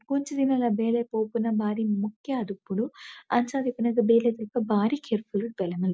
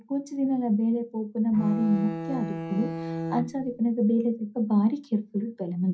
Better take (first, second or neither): first